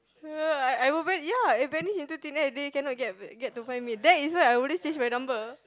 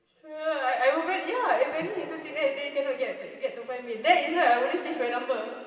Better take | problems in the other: first | room echo; dies away in 2.4 s

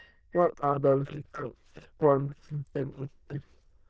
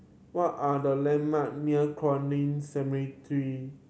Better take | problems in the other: second | noise reduction (neural diffusion model UNIVERSE++)

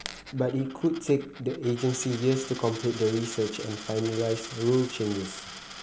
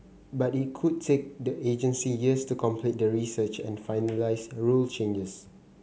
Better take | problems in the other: second | background sound (Coin (dropping)); 14 dB below the speech

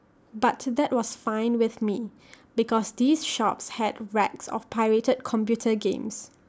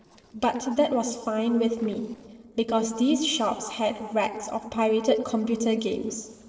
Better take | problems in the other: first | noise reduction (neural separator model SepFormer DNS4)

